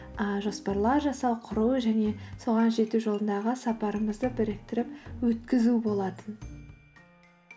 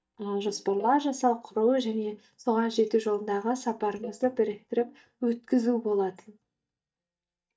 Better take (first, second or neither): first